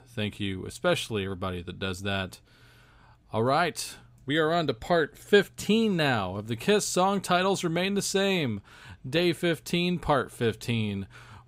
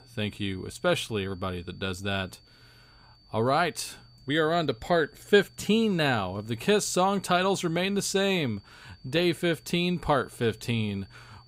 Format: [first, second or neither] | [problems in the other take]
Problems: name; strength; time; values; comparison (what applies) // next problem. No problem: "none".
first | high-pitched whine; faint; throughout; 4.5 kHz, 30 dB below the speech